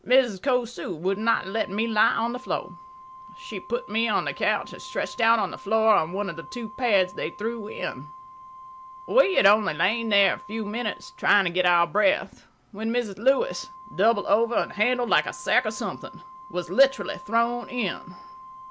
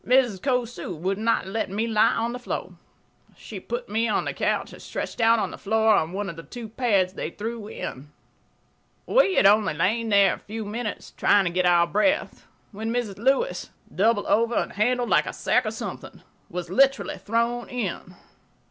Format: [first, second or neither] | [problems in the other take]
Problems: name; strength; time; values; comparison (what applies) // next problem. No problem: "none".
second | background sound (Organ); 19 dB below the speech